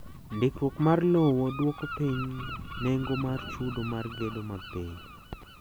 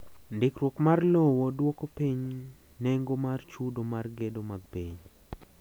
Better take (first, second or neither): second